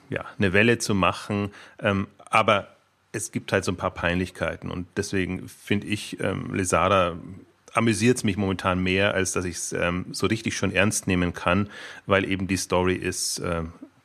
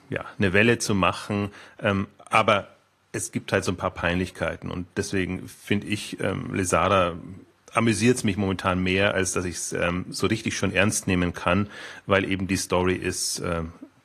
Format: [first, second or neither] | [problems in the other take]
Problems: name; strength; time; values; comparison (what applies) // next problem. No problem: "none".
first | garbled, watery; slightly